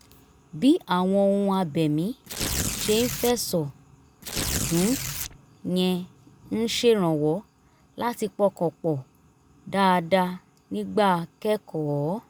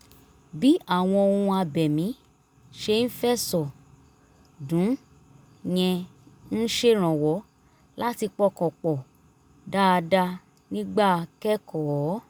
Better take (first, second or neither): second